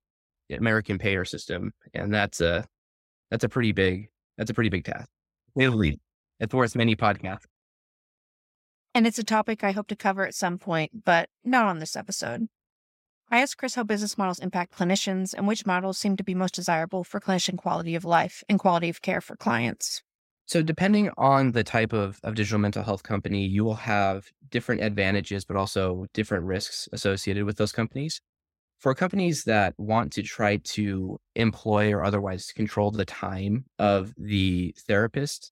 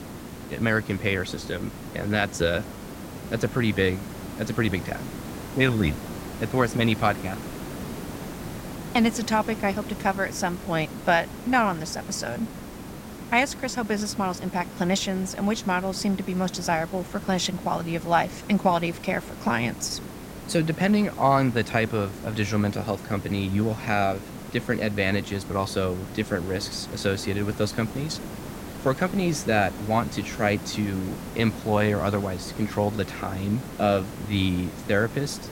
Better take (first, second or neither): first